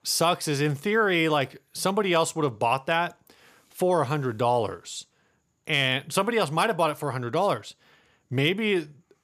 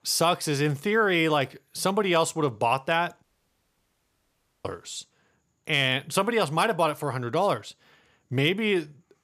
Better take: first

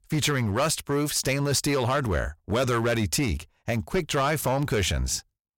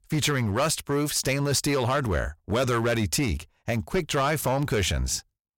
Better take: neither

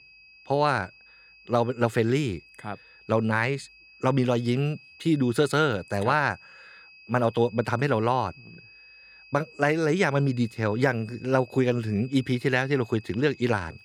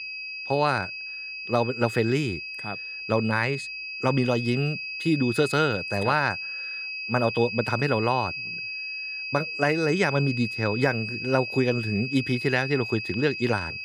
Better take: first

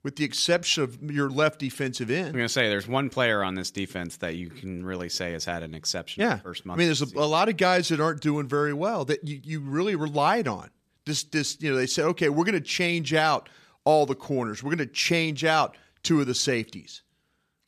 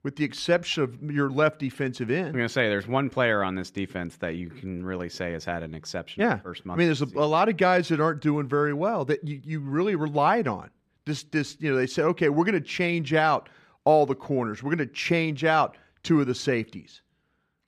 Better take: first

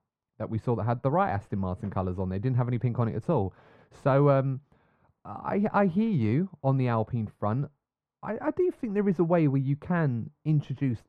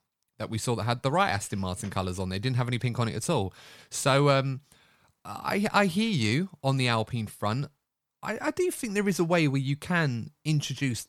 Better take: second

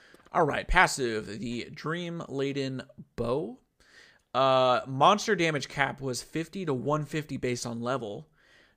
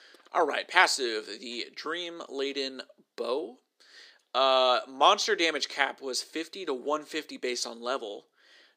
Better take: first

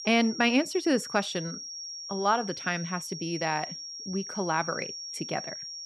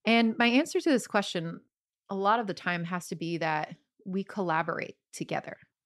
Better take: second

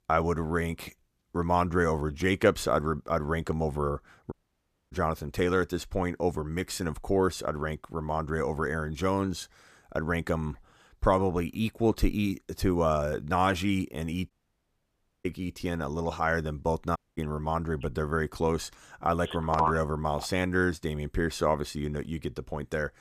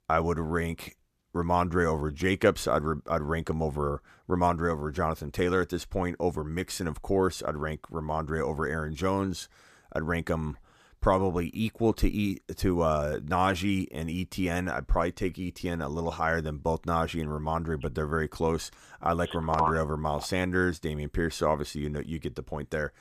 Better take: second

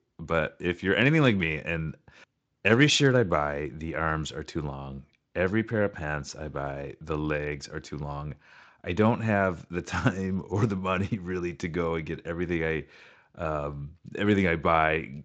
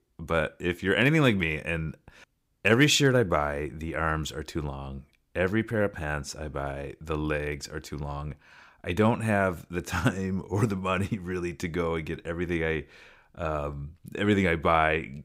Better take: second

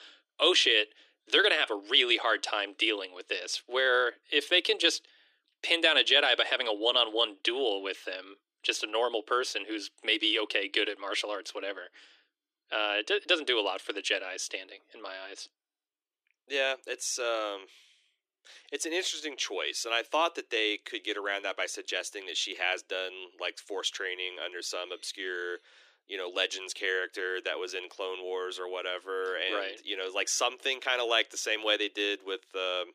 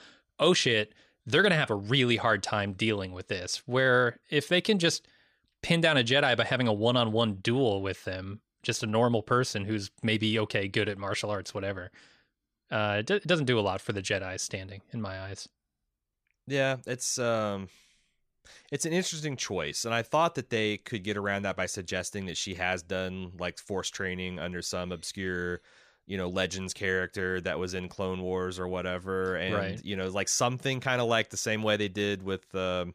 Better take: second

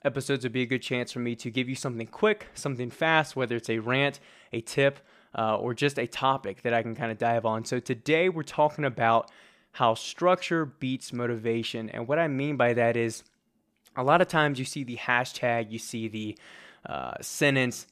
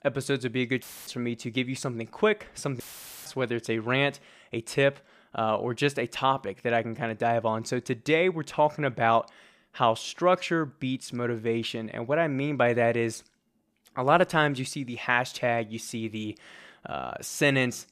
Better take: first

